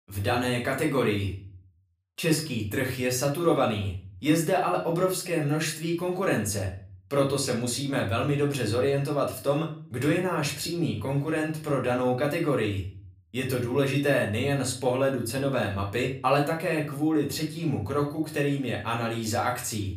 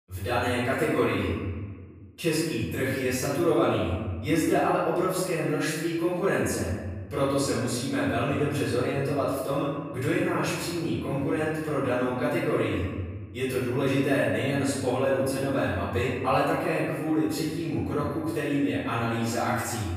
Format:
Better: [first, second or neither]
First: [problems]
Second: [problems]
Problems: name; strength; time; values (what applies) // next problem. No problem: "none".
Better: first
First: room echo; slight; dies away in 0.4 s // off-mic speech; far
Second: room echo; strong; dies away in 1.4 s // off-mic speech; far